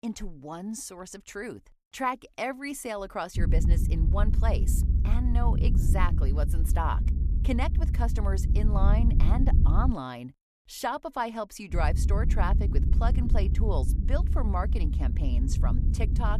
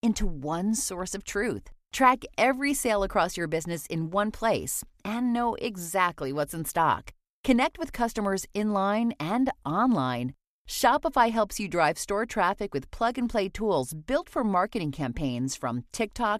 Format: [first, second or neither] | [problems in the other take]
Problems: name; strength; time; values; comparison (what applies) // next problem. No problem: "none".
second | low rumble; loud; from 3.5 to 10 s and from 12 s on; 8 dB below the speech